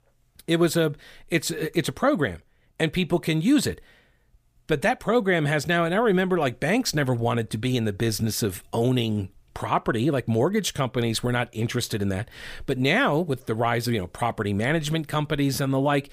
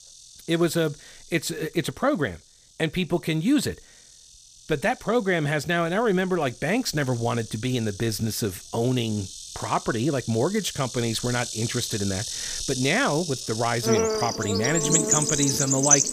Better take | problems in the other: first | animal sounds; loud; throughout; 1 dB below the speech

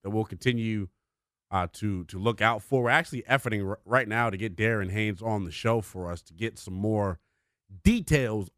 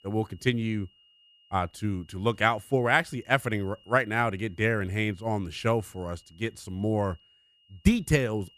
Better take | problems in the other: first | high-pitched whine; faint; throughout; 3 kHz, 30 dB below the speech

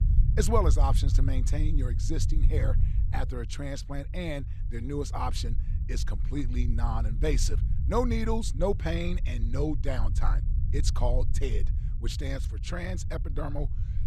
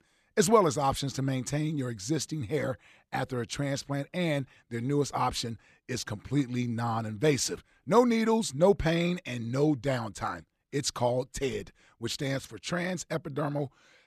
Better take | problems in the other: second | low rumble; noticeable; throughout; 15 dB below the speech

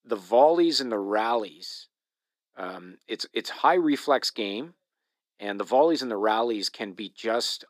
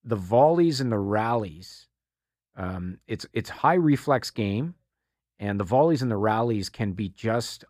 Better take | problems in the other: second | thin; somewhat; fading below 300 Hz

